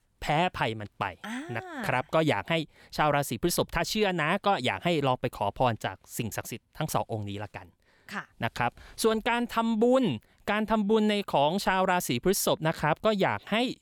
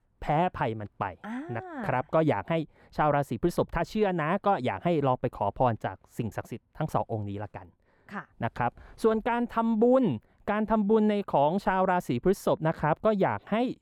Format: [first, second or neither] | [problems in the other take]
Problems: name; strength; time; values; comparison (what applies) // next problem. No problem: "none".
first | muffled; very; fading above 2 kHz